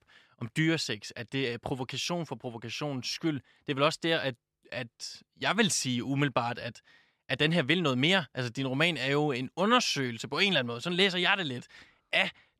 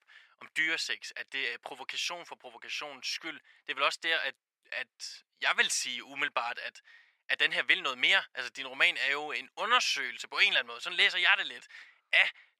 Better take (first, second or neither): first